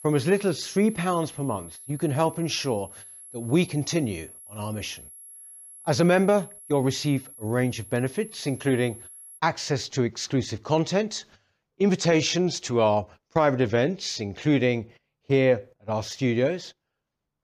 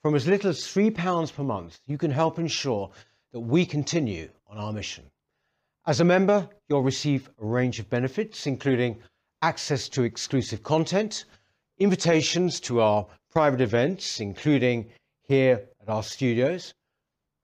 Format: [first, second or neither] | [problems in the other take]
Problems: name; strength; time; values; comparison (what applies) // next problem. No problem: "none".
second | high-pitched whine; noticeable; until 9.5 s; 11 kHz, 15 dB below the speech